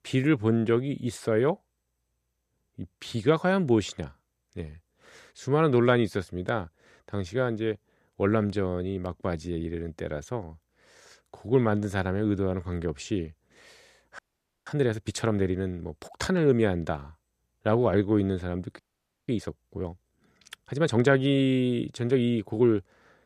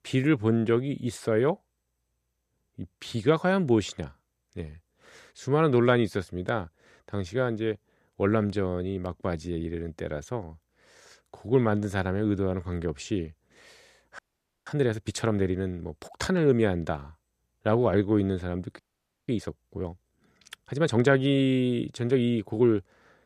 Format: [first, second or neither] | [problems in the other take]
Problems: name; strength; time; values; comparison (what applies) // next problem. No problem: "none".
neither | audio freezing; at 14 s and at 19 s; the same in both